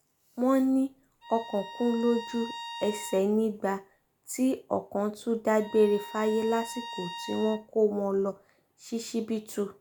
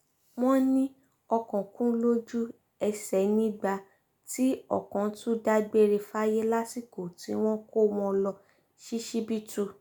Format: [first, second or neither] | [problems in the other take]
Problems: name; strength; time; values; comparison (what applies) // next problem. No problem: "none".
second | background sound (Bowed string instrument); 14 dB below the speech